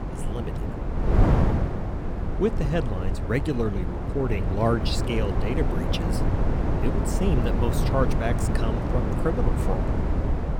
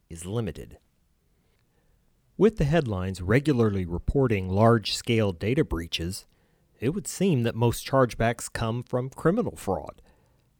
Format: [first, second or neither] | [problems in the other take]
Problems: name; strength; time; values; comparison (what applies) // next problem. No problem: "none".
second | wind noise on the microphone; heavy; 2 dB below the speech